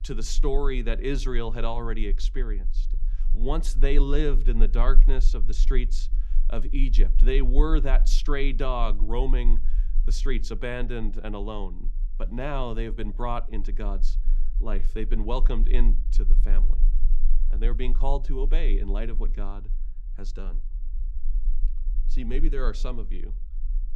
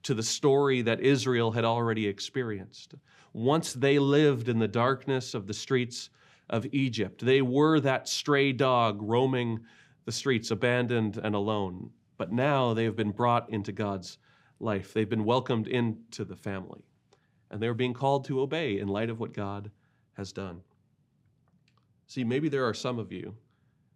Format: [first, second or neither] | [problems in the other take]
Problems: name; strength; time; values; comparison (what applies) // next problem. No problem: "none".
second | low rumble; faint; throughout; 20 dB below the speech